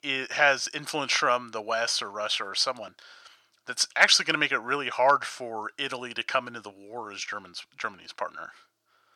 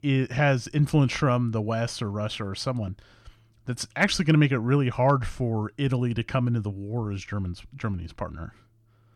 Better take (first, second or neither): second